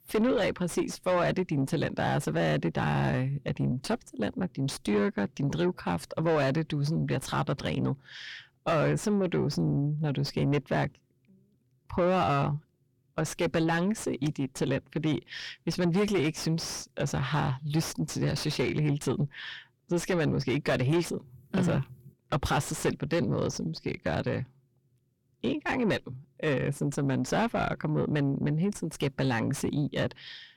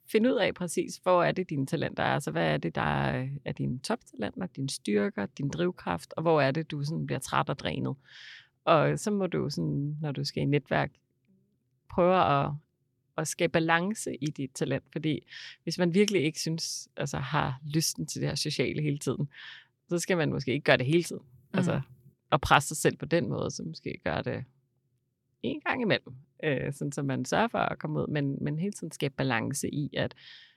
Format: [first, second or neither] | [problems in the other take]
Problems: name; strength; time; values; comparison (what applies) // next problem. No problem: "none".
second | distortion; heavy; 6 dB below the speech